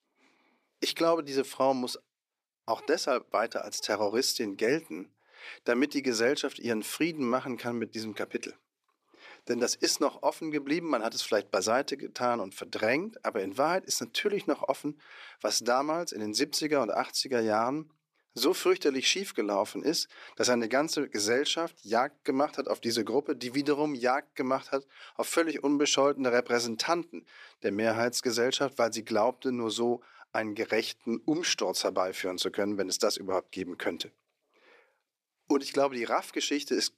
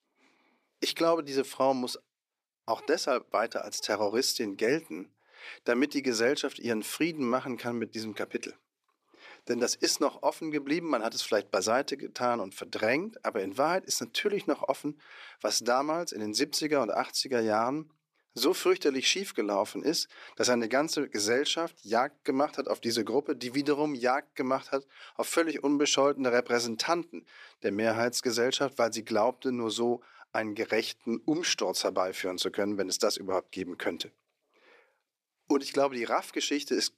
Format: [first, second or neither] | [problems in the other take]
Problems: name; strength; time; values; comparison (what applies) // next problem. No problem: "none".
neither | thin; somewhat; fading below 400 Hz; the same in both